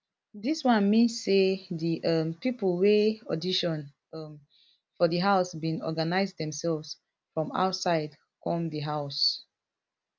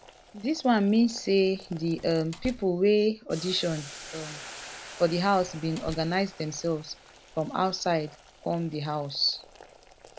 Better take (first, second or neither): first